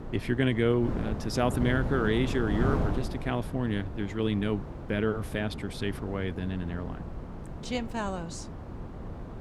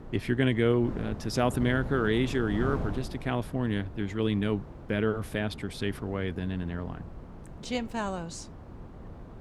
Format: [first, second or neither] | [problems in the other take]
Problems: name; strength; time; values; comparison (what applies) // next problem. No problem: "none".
second | wind noise on the microphone; heavy; 9 dB below the speech; occasional gusts in the second